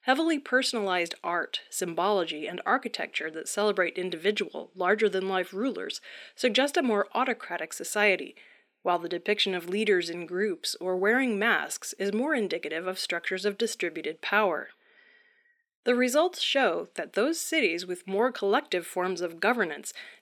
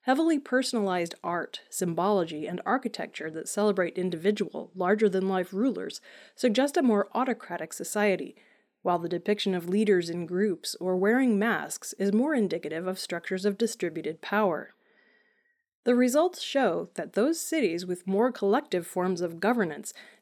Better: second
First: thin; very slightly; fading below 300 Hz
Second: none

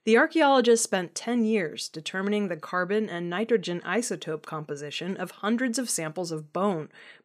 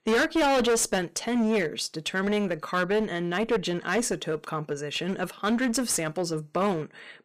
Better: first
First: none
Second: distortion; heavy; 13% of the sound clipped

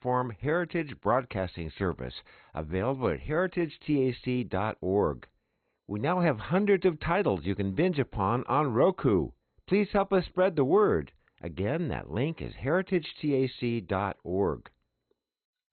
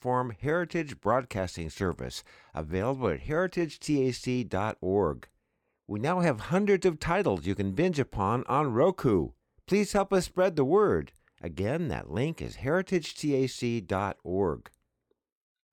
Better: second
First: garbled, watery; badly; nothing above 4 kHz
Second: none

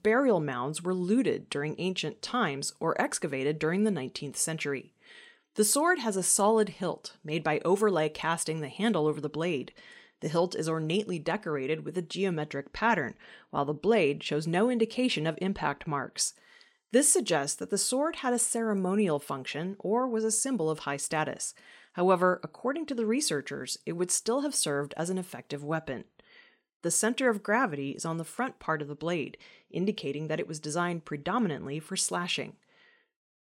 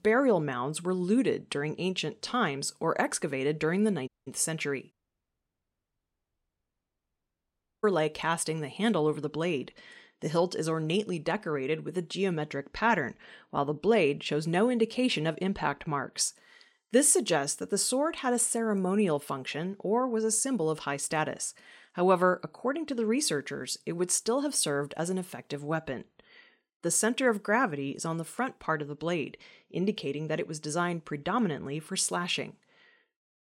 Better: first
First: none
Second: audio cutting out; at 4 s and at 5 s for 3 s

